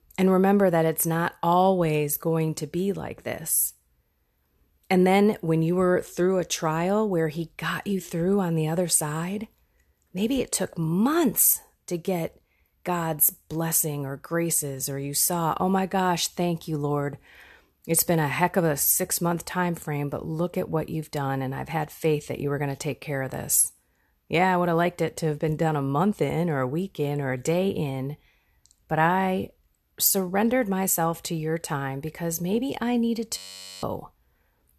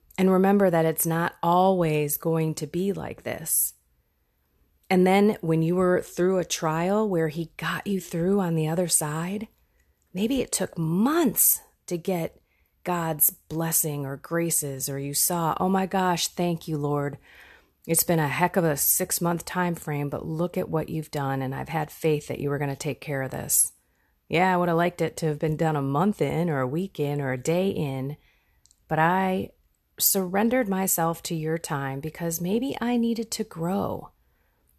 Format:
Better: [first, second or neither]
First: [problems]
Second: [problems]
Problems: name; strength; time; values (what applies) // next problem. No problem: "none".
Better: second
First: audio freezing; at 33 s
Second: none